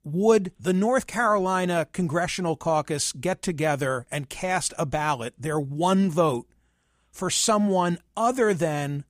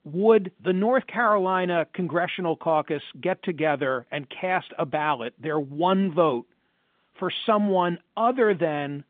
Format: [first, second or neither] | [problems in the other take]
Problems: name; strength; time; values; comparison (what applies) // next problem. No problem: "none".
first | phone-call audio